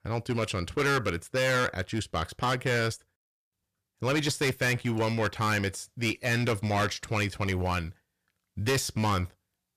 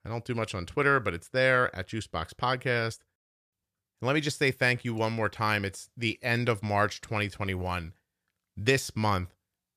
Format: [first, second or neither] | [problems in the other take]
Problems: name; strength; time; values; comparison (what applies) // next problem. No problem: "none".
second | distortion; heavy; 11% of the sound clipped